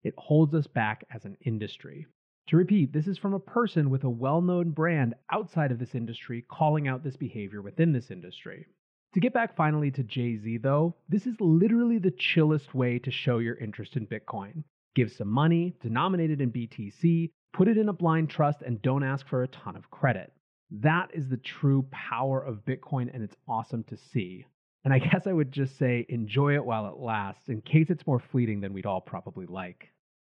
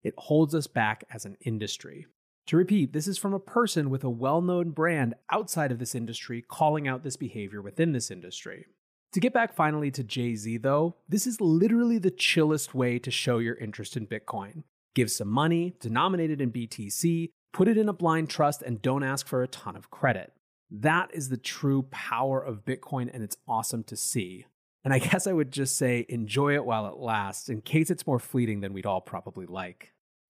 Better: second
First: muffled; very; fading above 3 kHz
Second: none

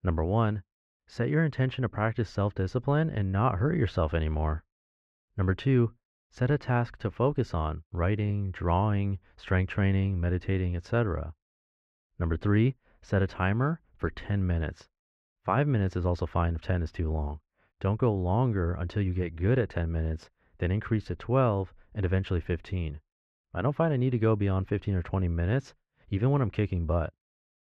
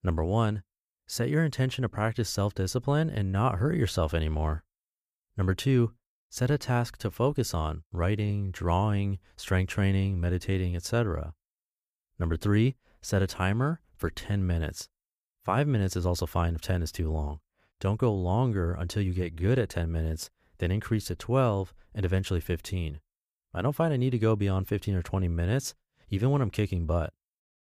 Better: second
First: muffled; very; fading above 2 kHz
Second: none

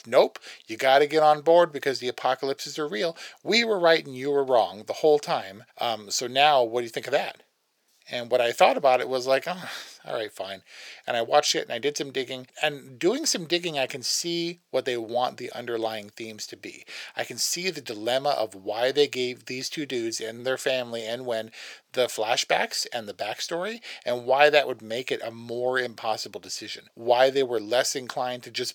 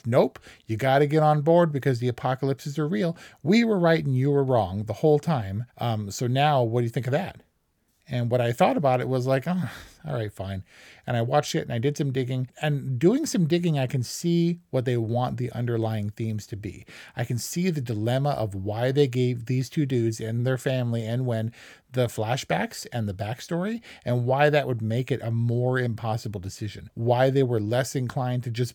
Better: second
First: thin; very; fading below 500 Hz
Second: none

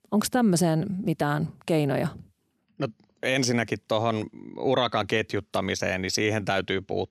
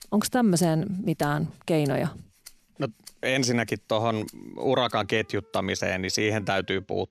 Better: first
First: none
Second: background music; faint; throughout; 25 dB below the speech

